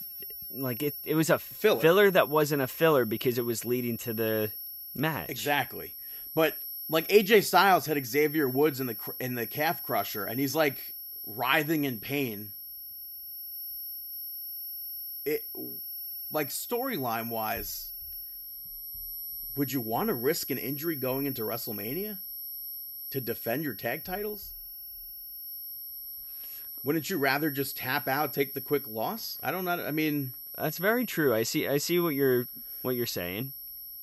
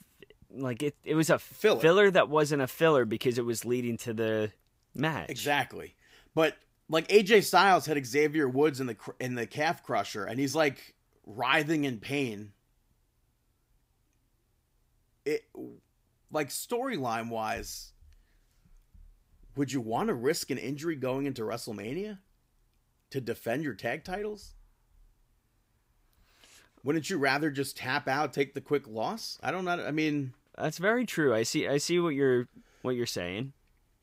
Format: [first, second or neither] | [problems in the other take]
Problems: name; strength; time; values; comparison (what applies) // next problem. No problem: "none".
second | high-pitched whine; loud; throughout; 11.5 kHz, 8 dB below the speech